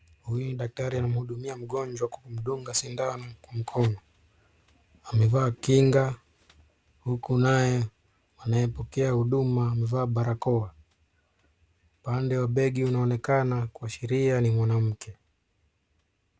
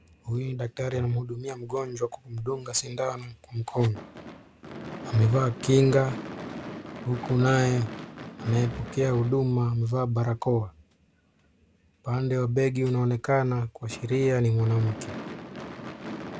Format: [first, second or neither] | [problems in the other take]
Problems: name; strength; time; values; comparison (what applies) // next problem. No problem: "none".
first | background sound (Gunshot, gunfire / Fireworks); 15 dB below the speech